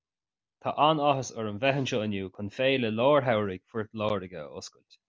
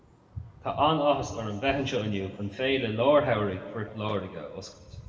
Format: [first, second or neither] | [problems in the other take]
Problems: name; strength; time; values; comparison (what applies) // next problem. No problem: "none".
first | background sound (Dog); 18 dB below the speech // room echo; dies away in 1.7 s